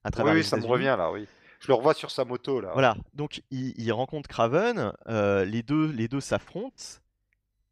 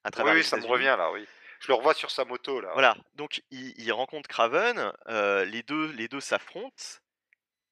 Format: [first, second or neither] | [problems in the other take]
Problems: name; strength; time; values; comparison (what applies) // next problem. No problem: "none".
first | thin; somewhat; fading below 350 Hz